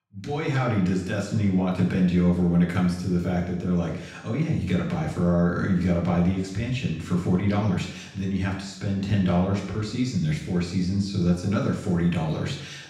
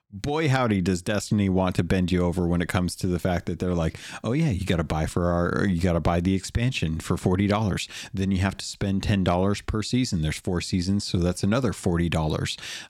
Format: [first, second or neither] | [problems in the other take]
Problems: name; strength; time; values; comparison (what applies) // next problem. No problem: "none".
second | room echo; noticeable; dies away in 0.8 s // off-mic speech; far